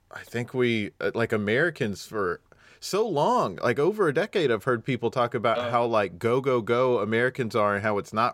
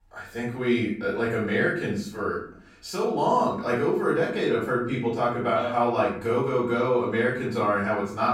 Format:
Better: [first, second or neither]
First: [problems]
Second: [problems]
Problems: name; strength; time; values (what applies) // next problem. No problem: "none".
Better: first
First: none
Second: off-mic speech; far // room echo; noticeable; dies away in 0.5 s